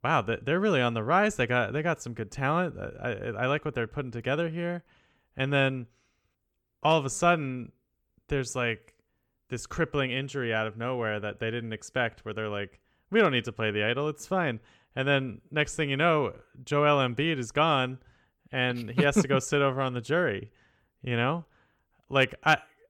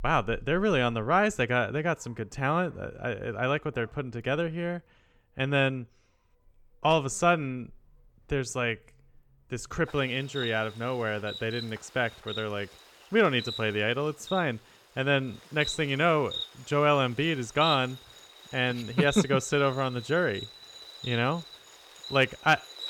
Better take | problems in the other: first | animal sounds; noticeable; throughout; 15 dB below the speech

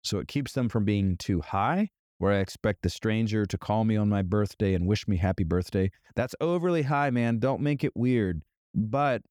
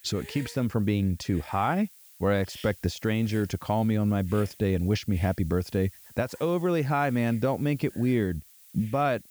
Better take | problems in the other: first | hiss; faint; throughout; 20 dB below the speech

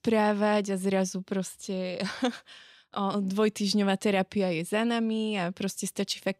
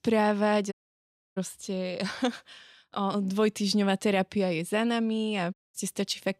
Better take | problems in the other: first | audio cutting out; at 0.5 s for 0.5 s and at 5.5 s

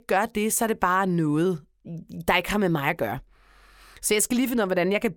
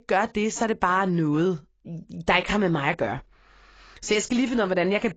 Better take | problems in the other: first | garbled, watery; badly; nothing above 7.5 kHz

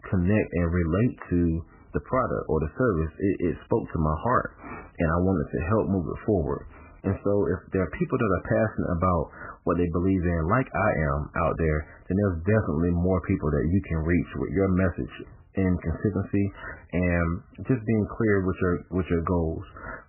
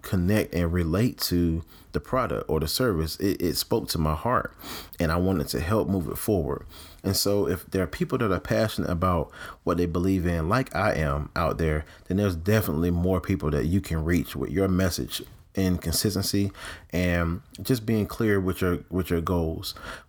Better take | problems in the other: second | garbled, watery; badly; nothing above 2.5 kHz

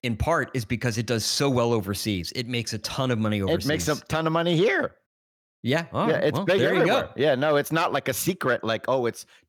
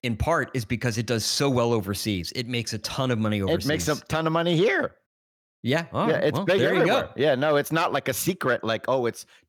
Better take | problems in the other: neither | none

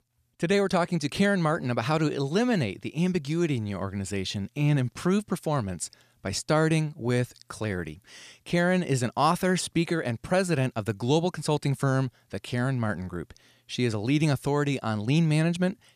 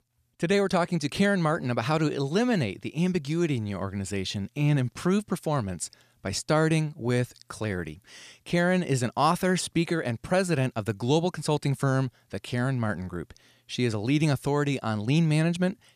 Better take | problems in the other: neither | none

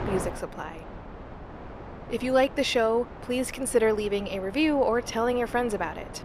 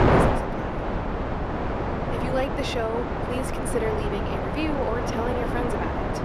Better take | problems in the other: first | wind noise on the microphone; heavy; 2 dB above the speech; occasional gusts in the first

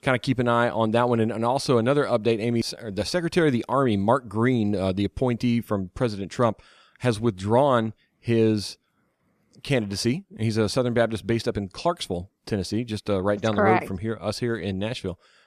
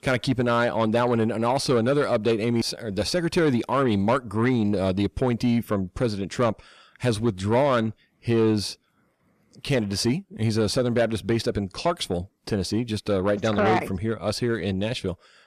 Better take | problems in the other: first | distortion; slight; 10 dB below the speech

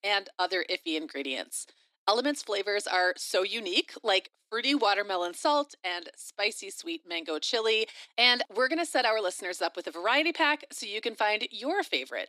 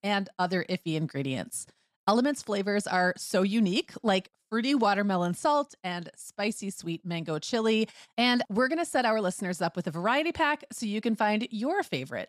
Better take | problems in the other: second | thin; somewhat; fading below 300 Hz

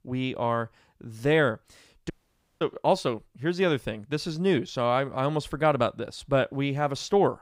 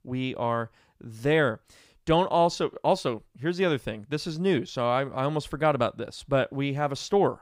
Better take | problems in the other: second | audio cutting out; at 2 s for 0.5 s

